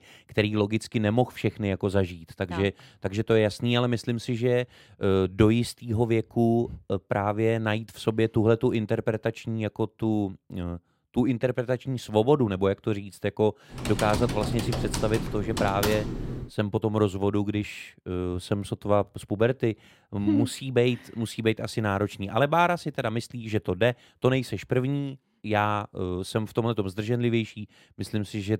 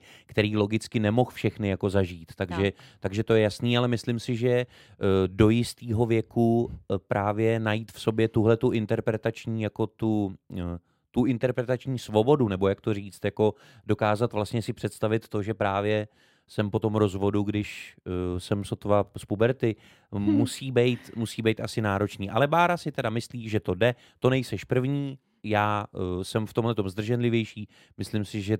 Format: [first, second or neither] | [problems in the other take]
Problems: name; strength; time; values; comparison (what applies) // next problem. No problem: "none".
second | keyboard typing; noticeable; from 14 to 16 s; peak 2 dB below the speech